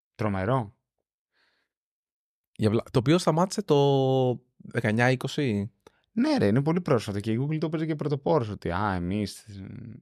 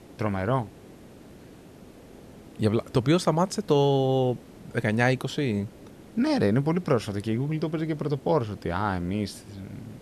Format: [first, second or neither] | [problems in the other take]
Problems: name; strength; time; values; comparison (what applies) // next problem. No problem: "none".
first | hiss; faint; throughout; 20 dB below the speech